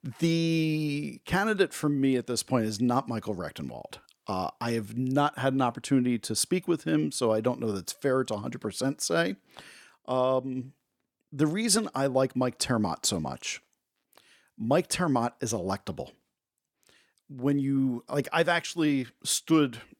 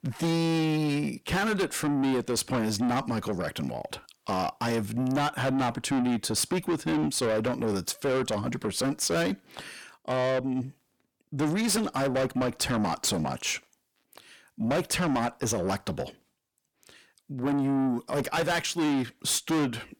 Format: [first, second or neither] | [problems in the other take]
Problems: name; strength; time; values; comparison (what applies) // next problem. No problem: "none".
first | distortion; heavy; 6 dB below the speech